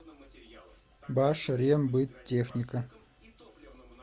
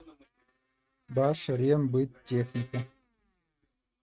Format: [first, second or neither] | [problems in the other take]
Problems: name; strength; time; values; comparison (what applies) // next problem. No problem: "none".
first | noise reduction (neural mask model RNNoise)